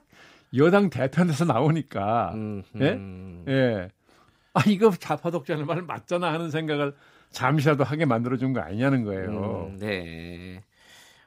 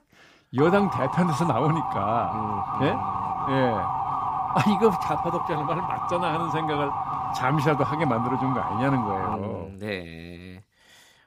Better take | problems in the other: first | siren; noticeable; from 0.5 to 9.5 s; peak level with the speech

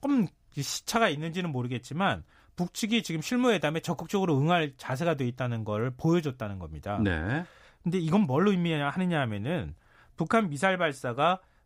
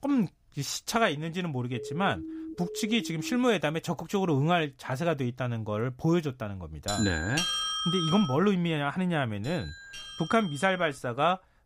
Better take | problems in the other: first | siren; faint; from 1.5 to 3.5 s; peak 10 dB below the speech // doorbell; loud; from 7 to 8.5 s; peak 2 dB above the speech // doorbell; faint; from 9.5 to 11 s; peak 10 dB below the speech

